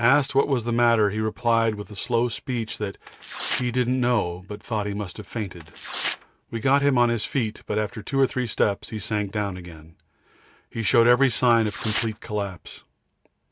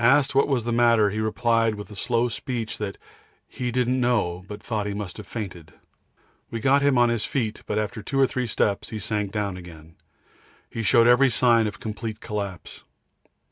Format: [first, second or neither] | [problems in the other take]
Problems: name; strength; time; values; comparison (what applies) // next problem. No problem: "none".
second | background sound (Tearing); 12 dB below the speech